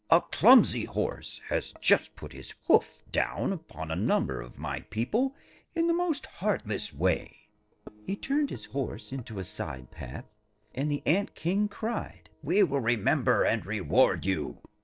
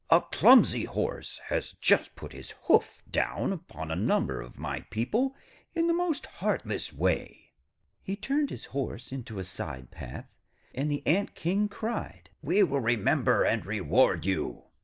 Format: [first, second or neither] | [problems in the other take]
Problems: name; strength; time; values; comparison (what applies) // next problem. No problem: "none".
second | noise reduction (neural separator model SepFormer DNS4)